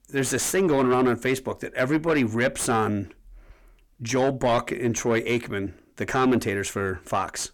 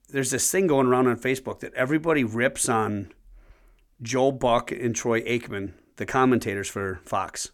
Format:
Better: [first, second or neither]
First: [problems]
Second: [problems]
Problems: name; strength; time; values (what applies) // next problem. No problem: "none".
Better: second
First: distortion; slight; 10 dB below the speech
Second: none